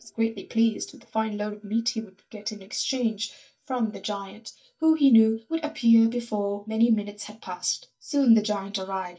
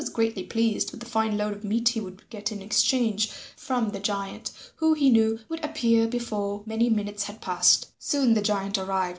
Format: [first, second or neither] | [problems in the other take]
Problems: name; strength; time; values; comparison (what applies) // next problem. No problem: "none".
second | noise reduction (neural mask model DeepFilterNet 3)